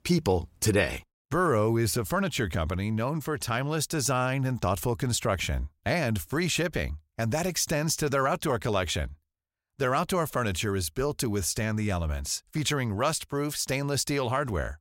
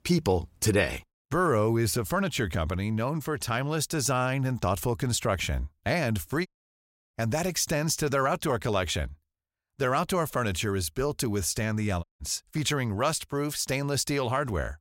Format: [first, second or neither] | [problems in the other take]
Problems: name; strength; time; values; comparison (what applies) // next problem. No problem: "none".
first | audio cutting out; at 6.5 s for 0.5 s and at 12 s